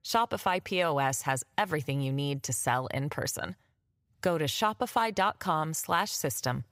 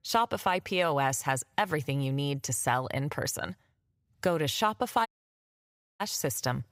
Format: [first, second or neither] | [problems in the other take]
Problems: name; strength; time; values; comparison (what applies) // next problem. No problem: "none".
first | audio cutting out; at 5 s for 1 s